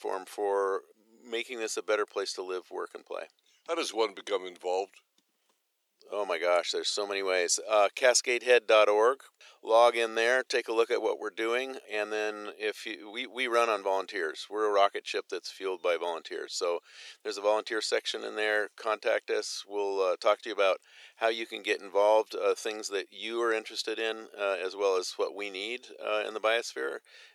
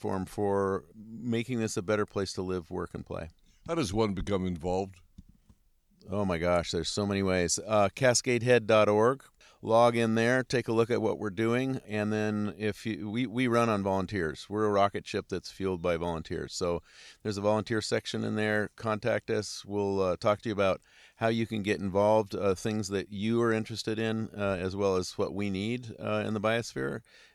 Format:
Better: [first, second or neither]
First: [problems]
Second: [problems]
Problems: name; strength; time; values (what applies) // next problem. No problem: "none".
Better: second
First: thin; very; fading below 400 Hz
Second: none